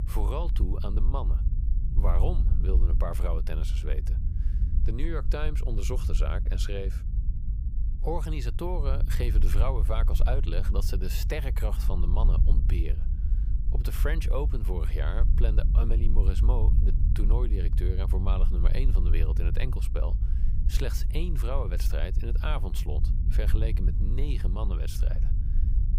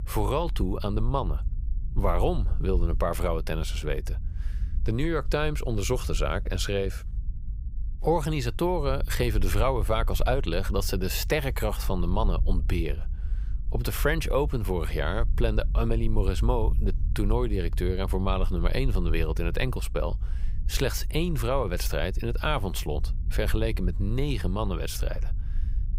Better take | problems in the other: second | low rumble; loud; throughout; 9 dB below the speech; faint in the second

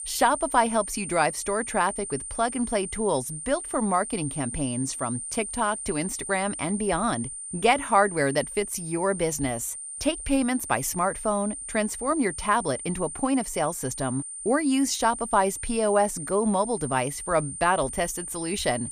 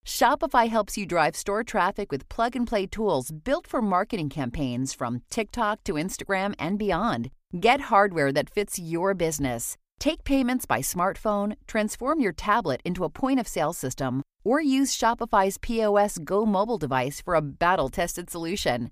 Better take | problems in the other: second | high-pitched whine; loud; throughout; 9 kHz, 7 dB below the speech

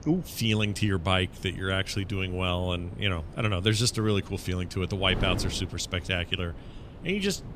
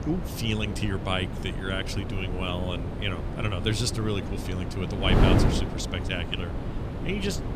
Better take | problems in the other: first | wind noise on the microphone; heavy; 4 dB below the speech; occasional gusts in the first

